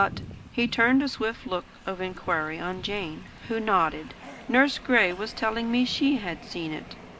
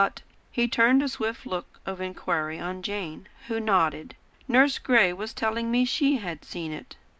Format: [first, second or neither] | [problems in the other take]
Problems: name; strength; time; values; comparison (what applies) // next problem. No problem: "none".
second | background sound (Train); 17 dB below the speech